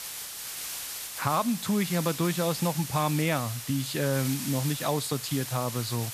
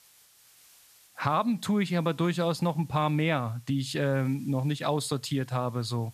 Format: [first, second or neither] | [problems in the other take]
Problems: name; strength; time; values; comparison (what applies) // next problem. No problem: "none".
second | hiss; loud; throughout; 6 dB below the speech; faint in the second